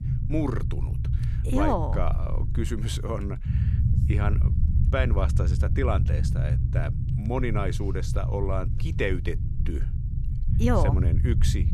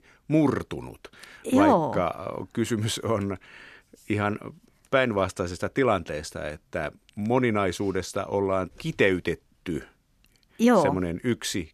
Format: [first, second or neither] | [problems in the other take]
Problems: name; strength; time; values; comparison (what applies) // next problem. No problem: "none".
second | low rumble; loud; throughout; 9 dB below the speech